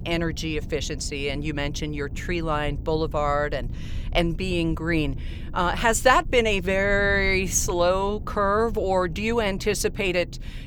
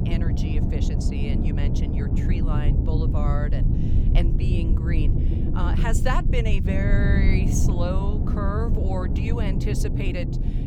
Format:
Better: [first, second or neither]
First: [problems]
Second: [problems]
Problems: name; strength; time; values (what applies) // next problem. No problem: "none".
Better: first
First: low rumble; faint; throughout; 25 dB below the speech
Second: low rumble; loud; throughout; 2 dB below the speech